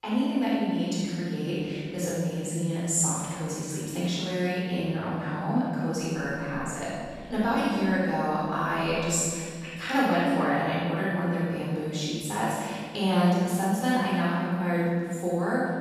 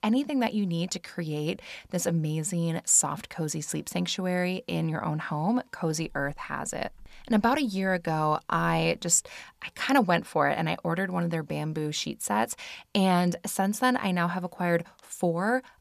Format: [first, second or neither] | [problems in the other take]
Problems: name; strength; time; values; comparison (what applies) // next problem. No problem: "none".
second | room echo; strong; dies away in 1.9 s // off-mic speech; far